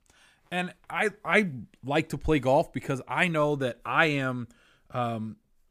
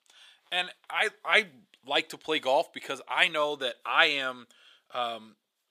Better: first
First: none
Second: thin; very; fading below 550 Hz

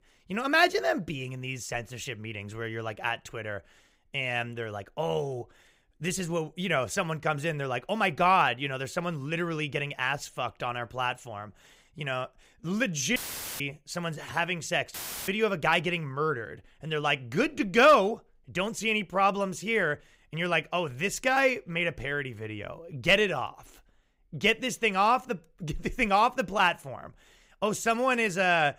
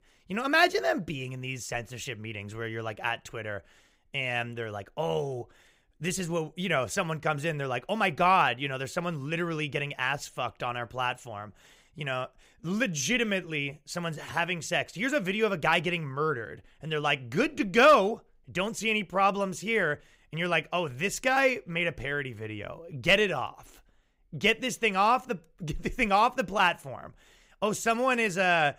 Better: second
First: audio cutting out; filled with static; at 13 s and at 15 s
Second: none

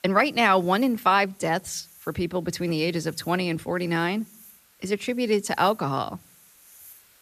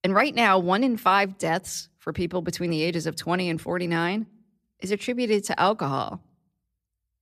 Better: second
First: hiss; faint; throughout; 25 dB below the speech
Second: none

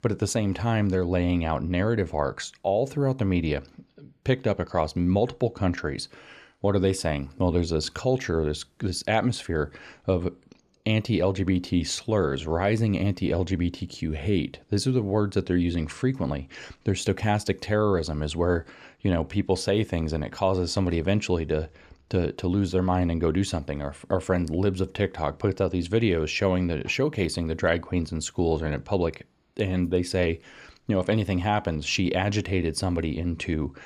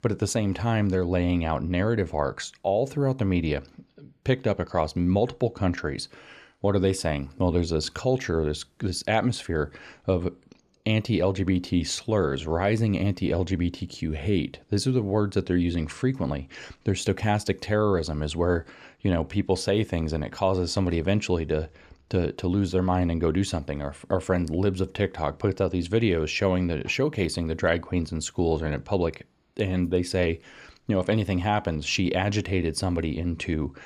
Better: neither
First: none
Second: none

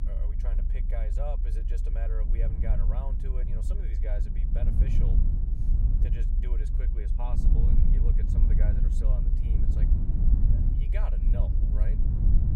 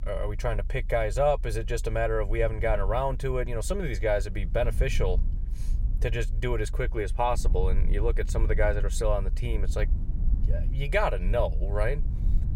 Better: second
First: low rumble; loud; throughout; as loud as the speech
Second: low rumble; faint; throughout; 20 dB below the speech

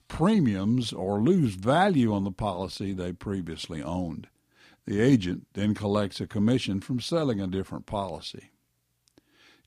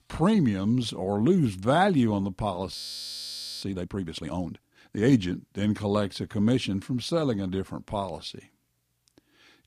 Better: first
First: none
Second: audio freezing; at 3 s for 1 s

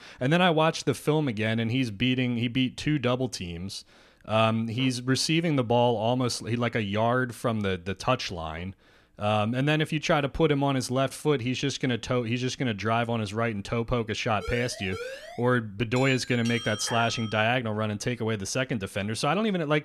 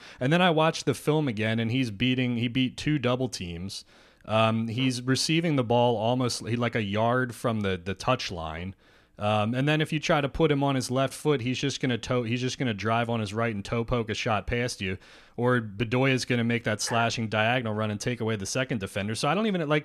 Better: second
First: siren; faint; from 14 to 15 s; peak 10 dB below the speech // doorbell; noticeable; from 16 to 17 s; peak 9 dB below the speech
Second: none

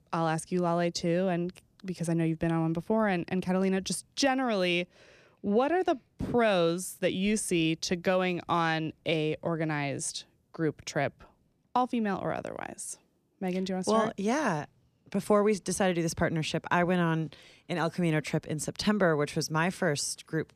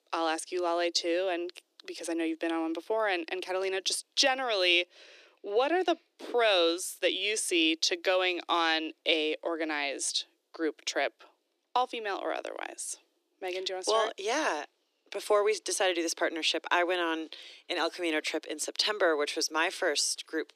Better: first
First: none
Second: thin; very; fading below 300 Hz

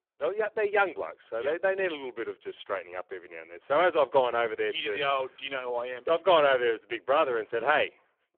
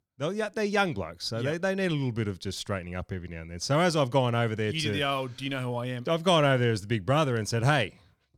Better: second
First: phone-call audio; poor line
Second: none

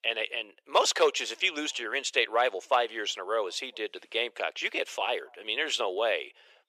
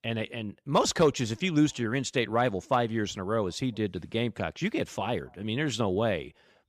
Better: second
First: thin; very; fading below 400 Hz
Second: none

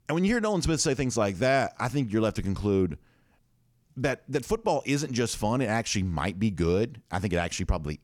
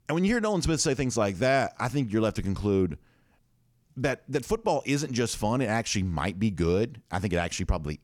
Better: neither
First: none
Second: none

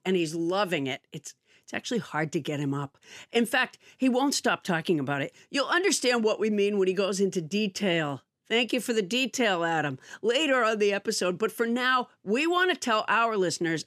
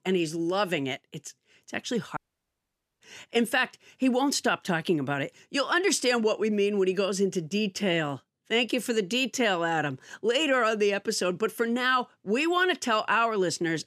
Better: first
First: none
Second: audio cutting out; at 2 s for 1 s

